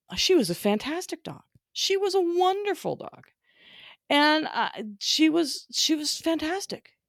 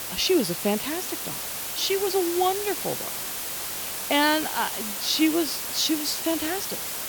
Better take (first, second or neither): first